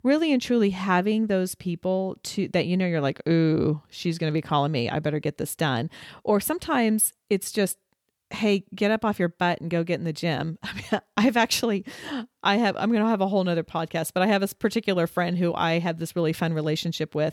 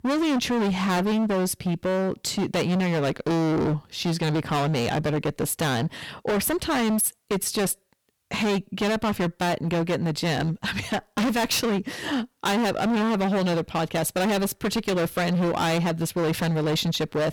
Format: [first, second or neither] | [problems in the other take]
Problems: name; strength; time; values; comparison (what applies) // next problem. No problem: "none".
first | distortion; heavy; 29% of the sound clipped